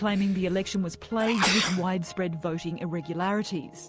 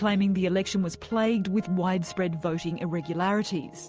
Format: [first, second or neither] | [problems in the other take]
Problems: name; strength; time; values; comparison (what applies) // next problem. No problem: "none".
second | background sound (Sneeze); 4 dB below the speech